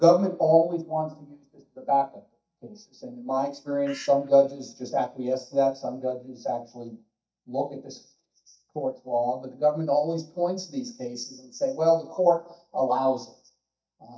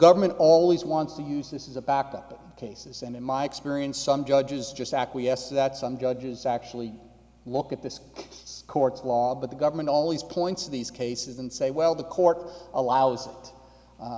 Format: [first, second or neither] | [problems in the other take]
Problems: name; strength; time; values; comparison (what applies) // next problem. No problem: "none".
second | noise reduction (neural mask model DeepFilterNet 3)